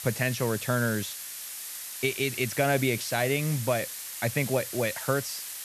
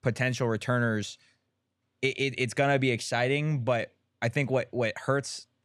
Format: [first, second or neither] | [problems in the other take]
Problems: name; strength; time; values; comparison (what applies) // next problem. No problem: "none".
second | hiss; loud; throughout; 7 dB below the speech